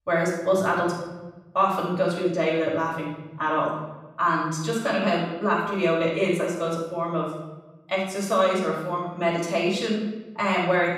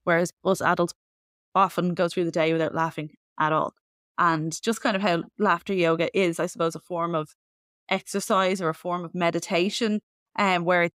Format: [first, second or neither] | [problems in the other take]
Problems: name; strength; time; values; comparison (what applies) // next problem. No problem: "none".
second | off-mic speech; far // room echo; noticeable; dies away in 1 s